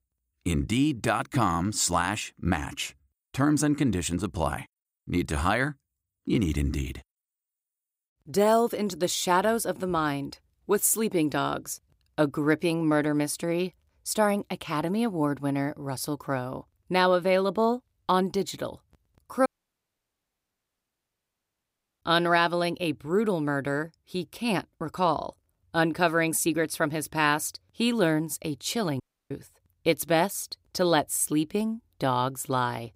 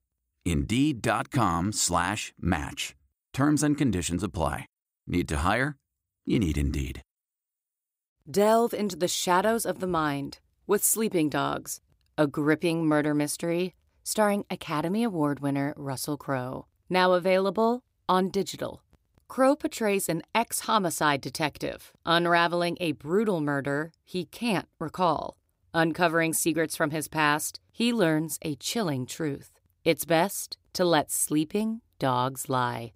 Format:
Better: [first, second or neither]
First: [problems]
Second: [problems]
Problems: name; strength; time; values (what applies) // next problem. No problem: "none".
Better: second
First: audio cutting out; at 19 s for 2.5 s and at 29 s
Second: none